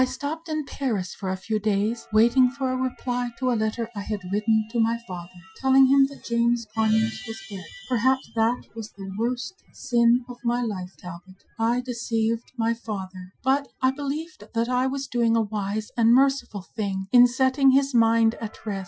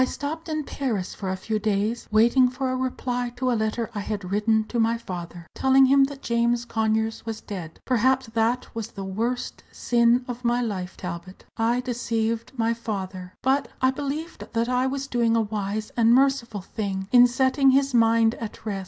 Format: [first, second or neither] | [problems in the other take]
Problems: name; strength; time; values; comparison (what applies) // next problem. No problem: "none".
second | noise reduction (classical method Wiener filter)